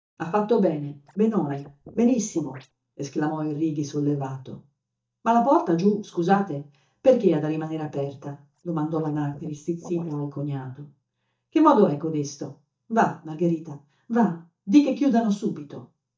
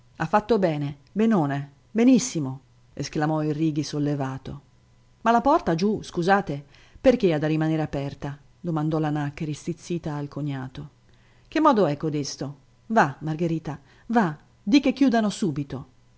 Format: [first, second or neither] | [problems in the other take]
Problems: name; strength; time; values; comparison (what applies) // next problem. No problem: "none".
second | noise reduction (neural mask model DeepFilterNet 3)